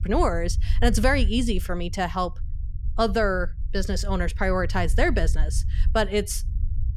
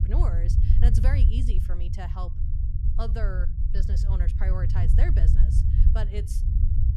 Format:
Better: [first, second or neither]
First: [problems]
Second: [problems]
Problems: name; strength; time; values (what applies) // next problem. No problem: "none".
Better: first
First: low rumble; faint; throughout; 25 dB below the speech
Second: low rumble; loud; throughout; 2 dB below the speech